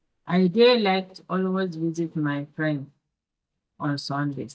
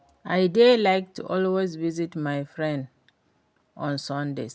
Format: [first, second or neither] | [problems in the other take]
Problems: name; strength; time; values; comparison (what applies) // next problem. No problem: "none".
second | noise reduction (neural mask model DeepFilterNet 3)